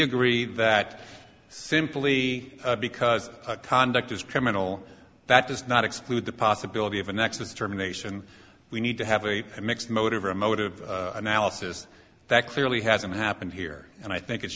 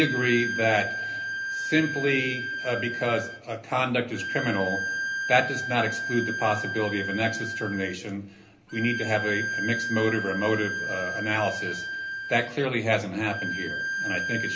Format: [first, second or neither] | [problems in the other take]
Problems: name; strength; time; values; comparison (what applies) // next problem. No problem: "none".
first | background sound (Bowed string instrument); 4 dB below the speech // room echo; dies away in 0.3 s